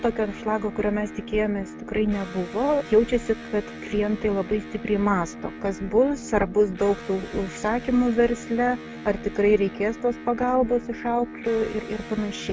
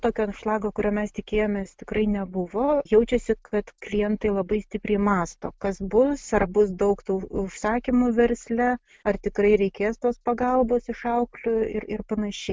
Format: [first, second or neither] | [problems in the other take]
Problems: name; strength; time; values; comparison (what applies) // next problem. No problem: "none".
second | background sound (Electric guitar); 13 dB below the speech